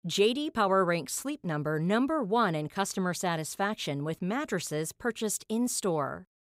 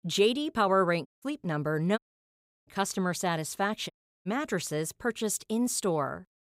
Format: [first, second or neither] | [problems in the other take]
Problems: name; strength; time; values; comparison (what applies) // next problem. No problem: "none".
first | audio cutting out; at 1 s, at 2 s for 0.5 s and at 4 s